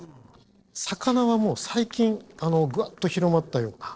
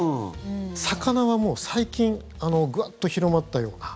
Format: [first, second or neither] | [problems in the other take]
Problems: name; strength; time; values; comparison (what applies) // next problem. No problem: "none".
second | noise reduction (neural separator model SepFormer DNS4)